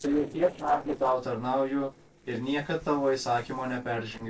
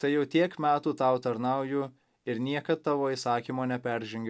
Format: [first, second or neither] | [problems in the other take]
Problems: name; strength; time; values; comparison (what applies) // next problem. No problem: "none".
second | noise reduction (neural separator model SepFormer DNS4)